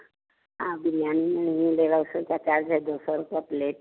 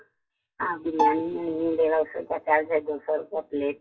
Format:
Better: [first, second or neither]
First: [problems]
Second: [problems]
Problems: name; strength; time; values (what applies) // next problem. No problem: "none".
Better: first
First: none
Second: noise reduction (classical method WPE with log-MMSE)